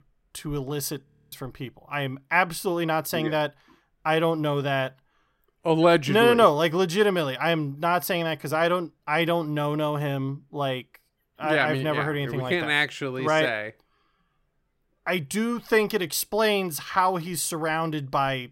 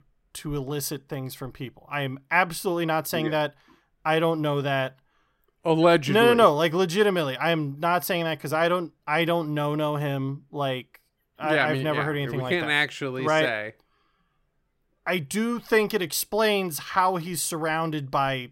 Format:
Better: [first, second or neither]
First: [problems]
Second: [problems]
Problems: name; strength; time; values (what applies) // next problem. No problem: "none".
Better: second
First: audio freezing; at 1 s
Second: none